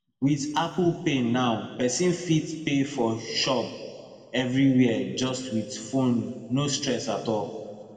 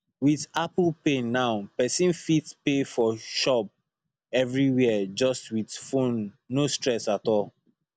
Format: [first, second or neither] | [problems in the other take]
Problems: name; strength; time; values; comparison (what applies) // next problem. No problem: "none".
second | room echo; dies away in 1.6 s